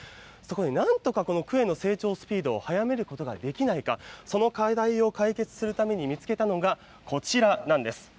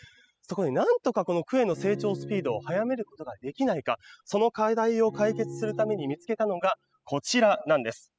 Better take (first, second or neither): first